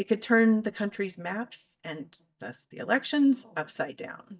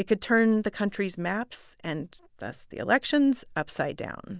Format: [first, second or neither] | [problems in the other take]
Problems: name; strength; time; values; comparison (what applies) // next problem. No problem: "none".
second | noise reduction (neural mask model DeepFilterNet 3)